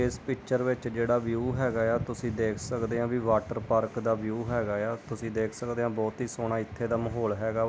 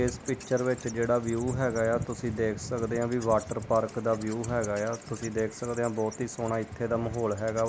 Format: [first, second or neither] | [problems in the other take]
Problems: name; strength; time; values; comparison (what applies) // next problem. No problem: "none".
first | background sound (Wild animals); 19 dB below the speech